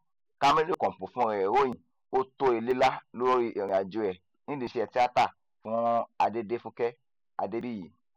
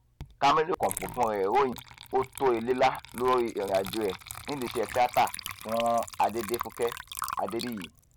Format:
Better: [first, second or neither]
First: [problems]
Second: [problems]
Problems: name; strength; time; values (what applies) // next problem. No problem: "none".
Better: first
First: none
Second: background sound (Water / Liquid); 13 dB below the speech